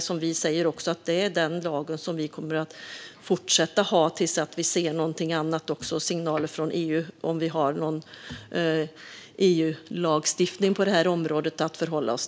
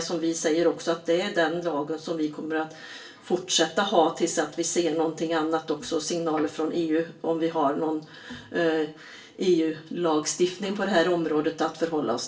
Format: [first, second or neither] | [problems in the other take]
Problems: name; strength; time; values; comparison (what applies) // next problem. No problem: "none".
first | room echo; dies away in 0.3 s